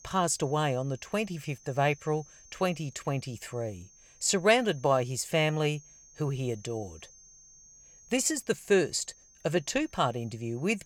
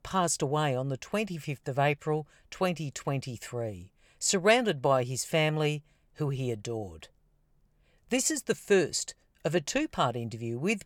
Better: second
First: high-pitched whine; faint; throughout; 6 kHz, 25 dB below the speech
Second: none

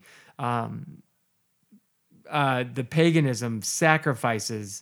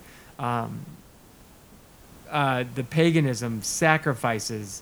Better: first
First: none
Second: hiss; faint; throughout; 25 dB below the speech

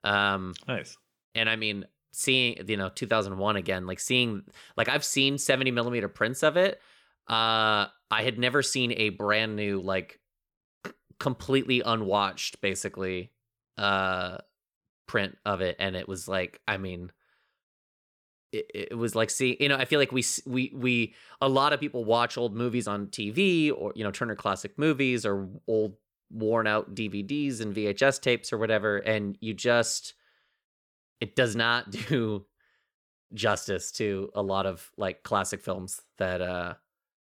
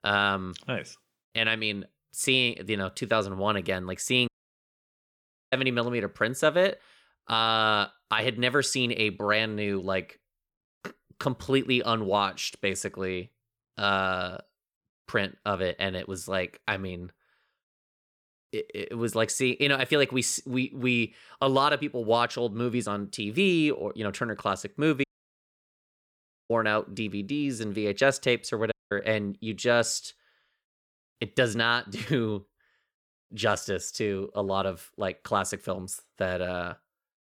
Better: first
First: none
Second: audio cutting out; at 4.5 s for 1 s, at 25 s for 1.5 s and at 29 s

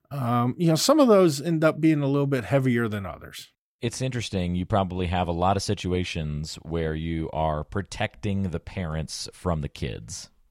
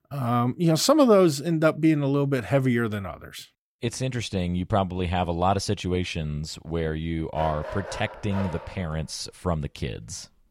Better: first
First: none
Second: dog barking; faint; from 7.5 to 9 s; peak 10 dB below the speech

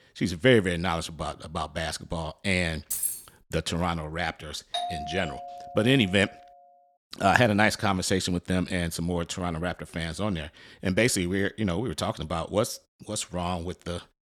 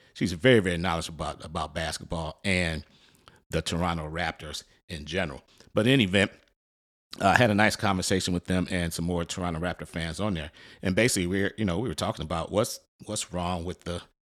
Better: second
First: jangling keys; noticeable; at 3 s; peak 1 dB below the speech // doorbell; noticeable; from 4.5 to 6 s; peak 5 dB below the speech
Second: none

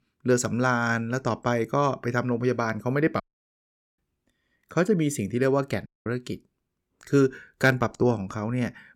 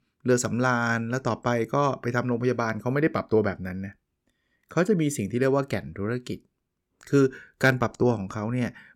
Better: second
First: audio cutting out; at 3 s for 1 s and at 6 s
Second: none

